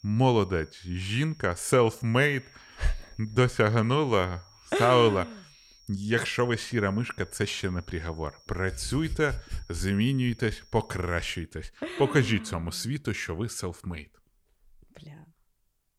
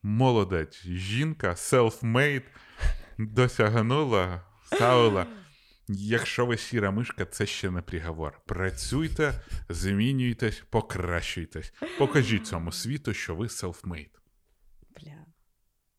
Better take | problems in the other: second | high-pitched whine; faint; until 11 s; 5.5 kHz, 30 dB below the speech

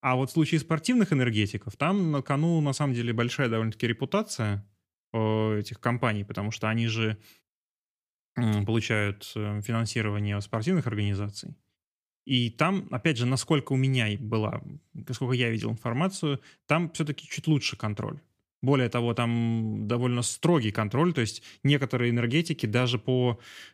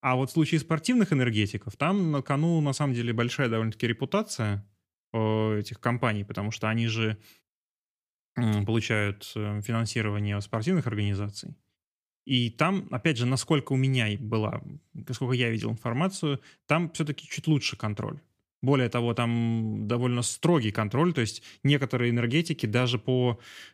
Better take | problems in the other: neither | none

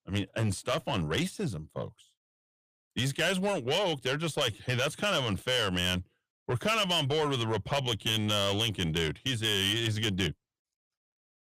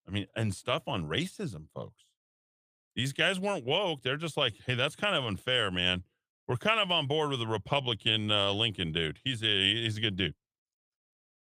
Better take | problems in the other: second | distortion; heavy; 8 dB below the speech

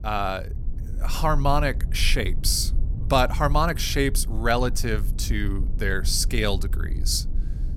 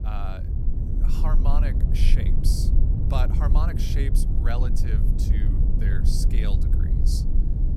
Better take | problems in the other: first | low rumble; loud; throughout; 3 dB below the speech; faint in the first

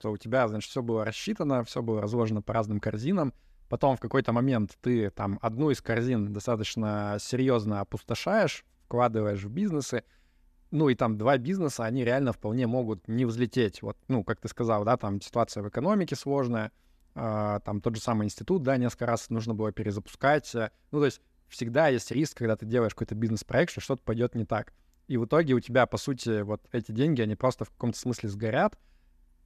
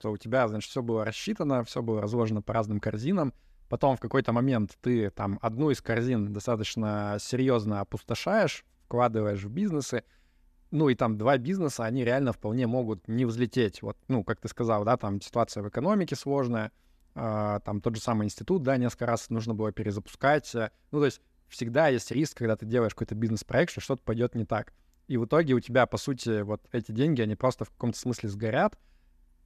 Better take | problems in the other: neither | none

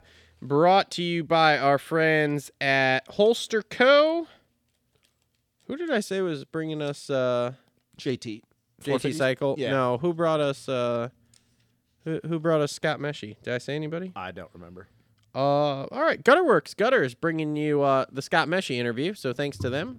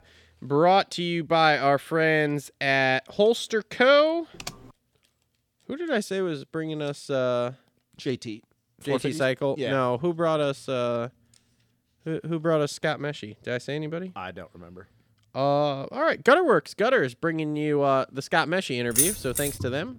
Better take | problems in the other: first | keyboard typing; faint; at 4.5 s; peak 15 dB below the speech // jangling keys; loud; at 19 s; peak 3 dB above the speech

